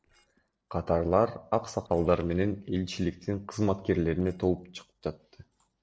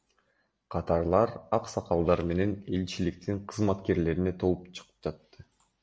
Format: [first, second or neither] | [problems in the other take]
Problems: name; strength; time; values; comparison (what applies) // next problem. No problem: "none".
second | noise reduction (neural separator model SepFormer DNS4)